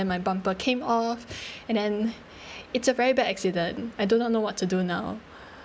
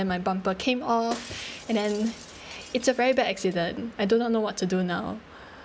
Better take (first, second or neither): first